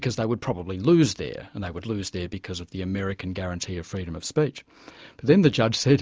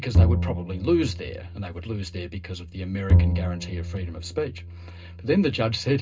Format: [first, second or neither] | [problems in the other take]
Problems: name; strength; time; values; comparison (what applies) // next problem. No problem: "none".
first | background sound (Bowed string instrument); 2 dB above the speech // room echo; dies away in 0.2 s